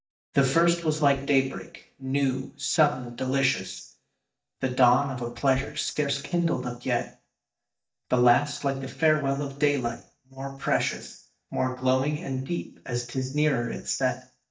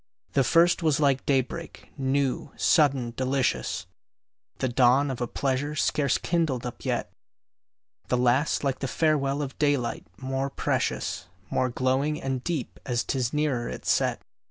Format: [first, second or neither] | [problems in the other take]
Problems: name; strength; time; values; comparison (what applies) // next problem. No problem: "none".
second | noise reduction (neural mask model DeepFilterNet 3)